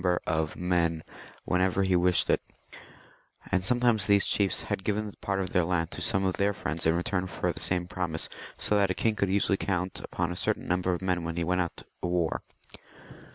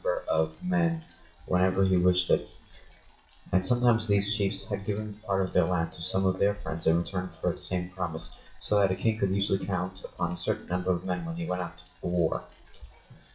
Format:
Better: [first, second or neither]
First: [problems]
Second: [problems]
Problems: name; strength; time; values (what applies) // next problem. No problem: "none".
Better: first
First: none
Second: noise reduction (classical method WPE with log-MMSE)